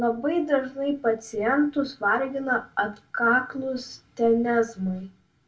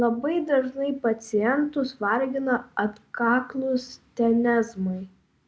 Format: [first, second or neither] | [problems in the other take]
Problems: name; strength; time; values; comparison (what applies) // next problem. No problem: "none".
second | room echo; dies away in 0.2 s